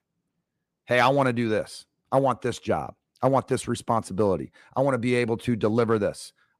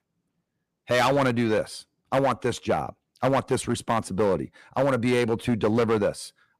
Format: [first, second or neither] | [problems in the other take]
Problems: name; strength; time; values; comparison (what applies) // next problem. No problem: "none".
first | distortion; slight; 6% of the sound clipped